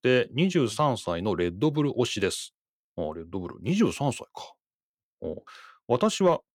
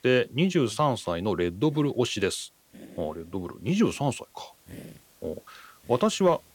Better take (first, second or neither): first